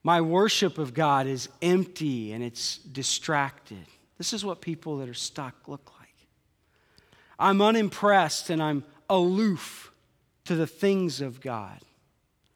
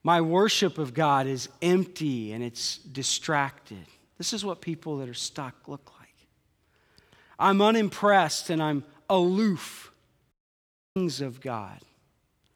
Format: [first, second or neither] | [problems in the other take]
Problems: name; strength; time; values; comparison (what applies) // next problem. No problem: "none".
first | audio cutting out; at 10 s for 0.5 s